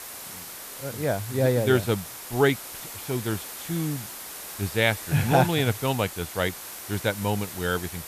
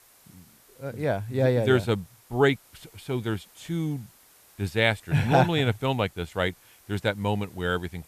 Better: second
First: hiss; loud; throughout; 10 dB below the speech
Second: hiss; faint; throughout; 30 dB below the speech

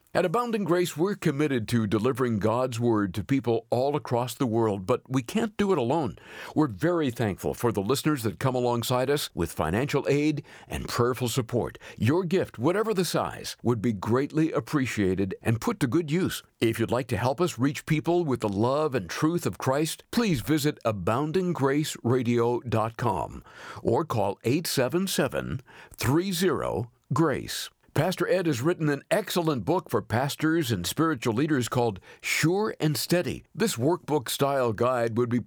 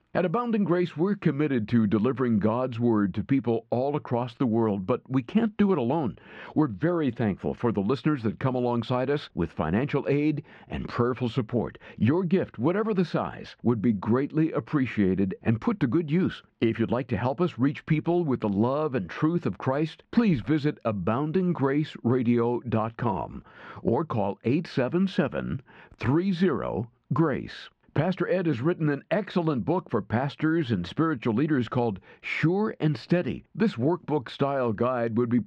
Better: first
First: none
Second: muffled; slightly; fading above 3 kHz

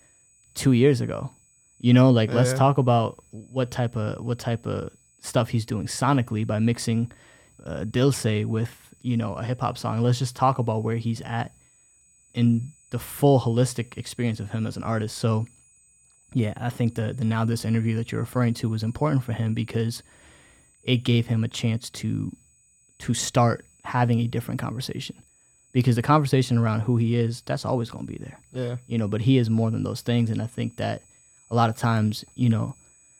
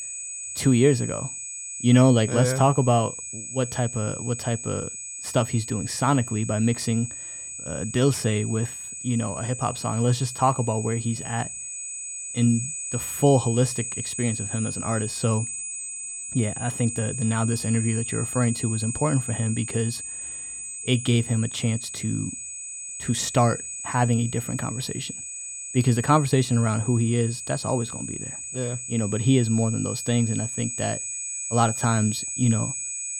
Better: first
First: high-pitched whine; faint; throughout; 8 kHz, 30 dB below the speech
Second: high-pitched whine; loud; throughout; 8 kHz, 7 dB below the speech

